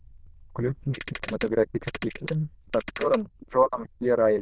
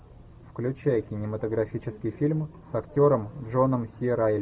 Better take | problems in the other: second | noise reduction (neural diffusion model UNIVERSE++)

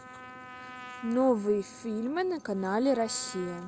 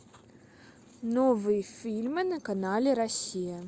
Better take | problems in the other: second | background sound (Trumpet); 17 dB below the speech

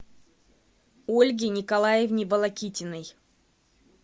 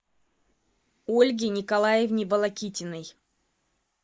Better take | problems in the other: first | noise reduction (neural mask model Resemble Enhance denoiser)

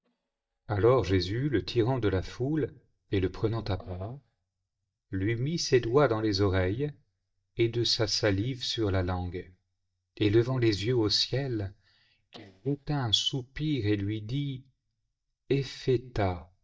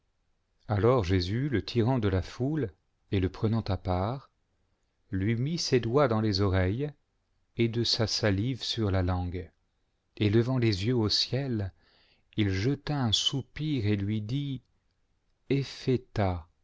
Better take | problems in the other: second | noise reduction (neural mask model DeepFilterNet 3)

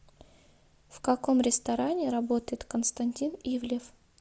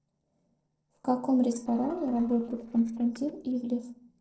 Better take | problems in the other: first | noise reduction (neural separator model SepFormer DNS4)

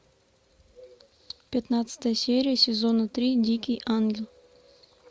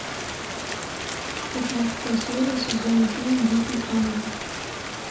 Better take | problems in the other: first | background sound (Rain); 5 dB below the speech // room echo; dies away in 0.5 s

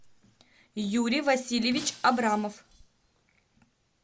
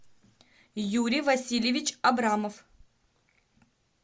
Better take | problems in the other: second | background sound (Shatter); 18 dB below the speech

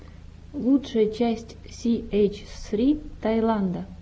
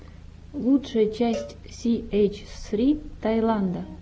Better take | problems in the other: first | background sound (Cowbell + Piano); 17 dB below the speech

